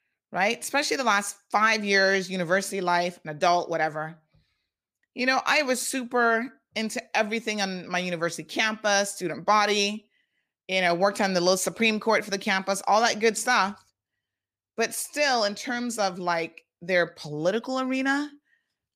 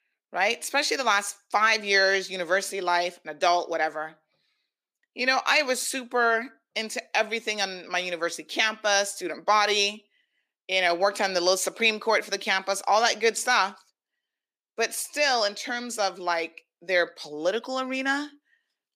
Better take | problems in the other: first | thin; very slightly; fading below 300 Hz

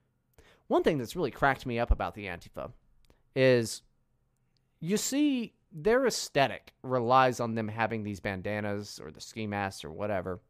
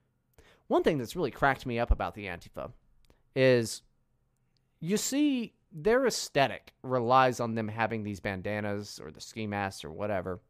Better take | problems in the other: neither | none

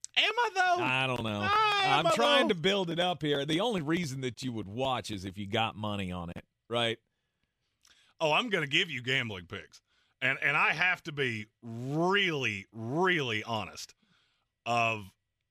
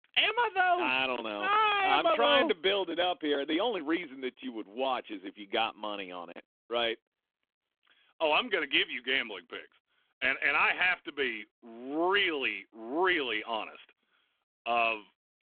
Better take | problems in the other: first | phone-call audio; nothing above 3.5 kHz

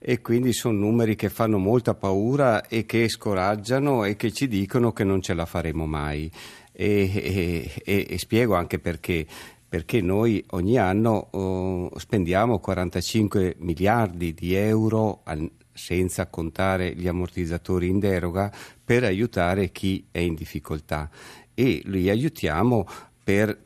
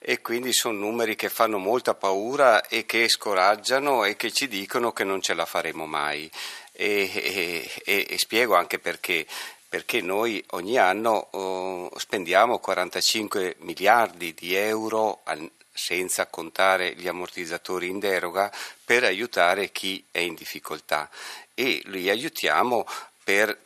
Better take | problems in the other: first | thin; very; fading below 650 Hz

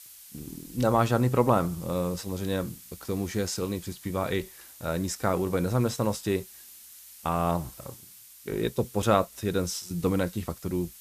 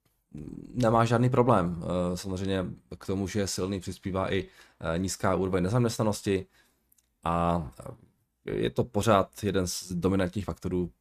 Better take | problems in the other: second | hiss; noticeable; throughout; 20 dB below the speech

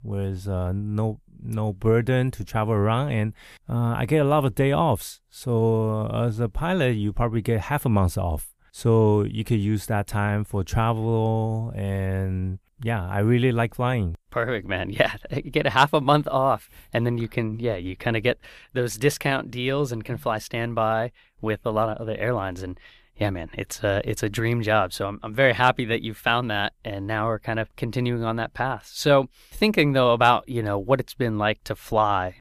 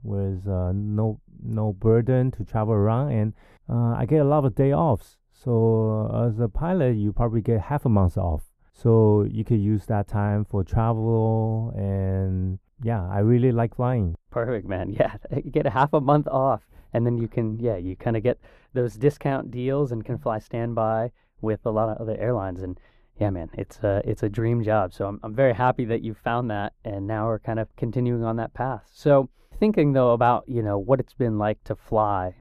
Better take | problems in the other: first | muffled; very; fading above 1.5 kHz

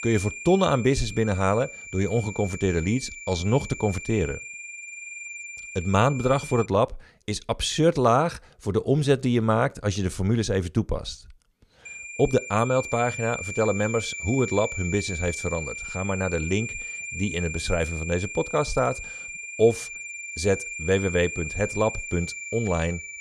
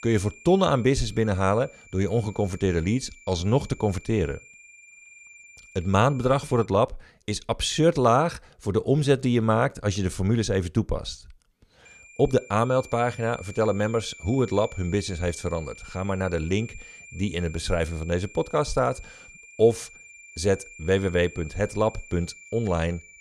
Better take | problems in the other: second | high-pitched whine; loud; until 6.5 s and from 12 s on; 2.5 kHz, 9 dB below the speech; faint in the second

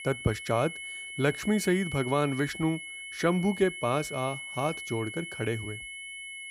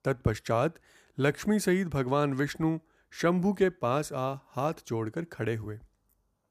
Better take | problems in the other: second | high-pitched whine; loud; throughout; 2 kHz, 8 dB below the speech

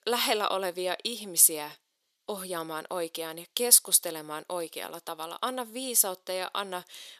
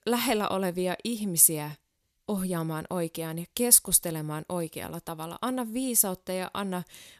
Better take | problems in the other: second | thin; somewhat; fading below 450 Hz

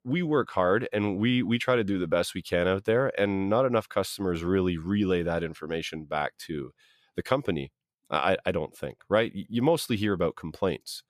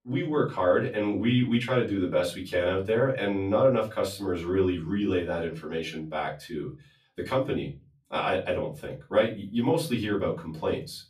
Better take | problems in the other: first | off-mic speech; far // room echo; very slight; dies away in 0.3 s

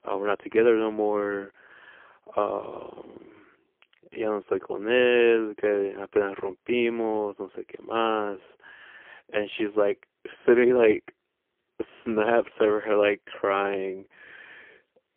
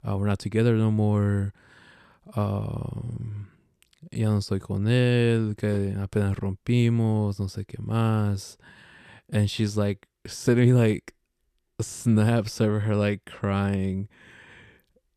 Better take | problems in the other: second | phone-call audio; poor line; nothing above 3 kHz

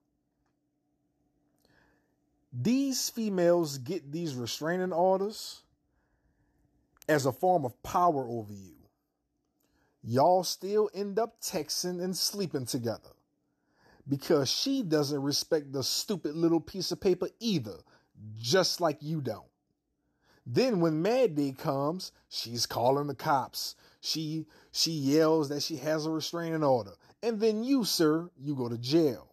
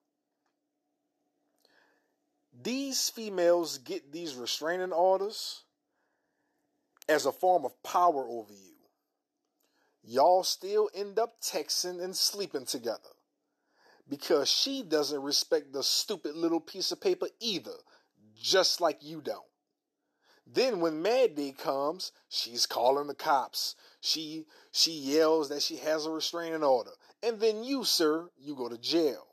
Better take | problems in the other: first | thin; somewhat; fading below 450 Hz

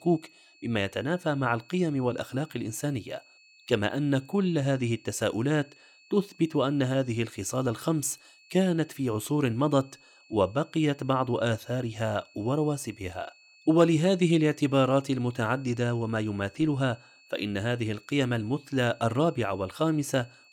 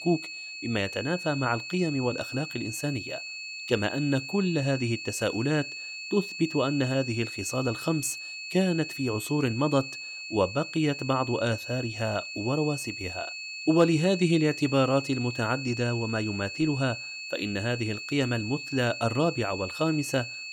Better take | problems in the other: first | high-pitched whine; loud; throughout; 2.5 kHz, 7 dB below the speech; faint in the first

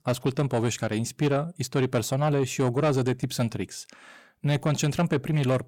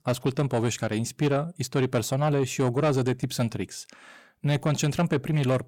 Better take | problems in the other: neither | distortion; slight; 10 dB below the speech; the same in both

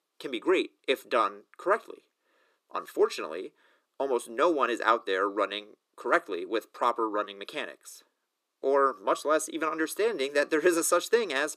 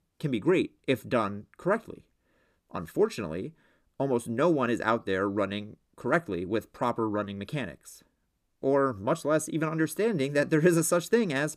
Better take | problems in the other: second | thin; somewhat; fading below 350 Hz

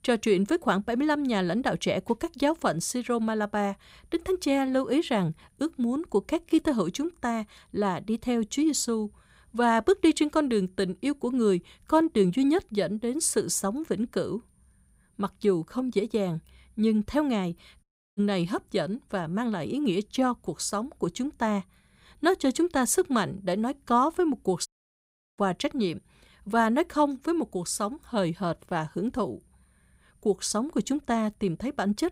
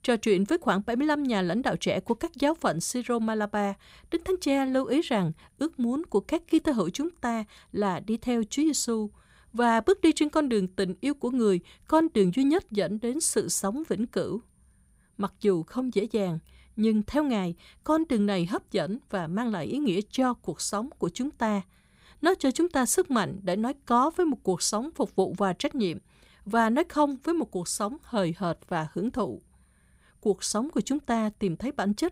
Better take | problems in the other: second | audio cutting out; at 18 s and at 25 s for 0.5 s

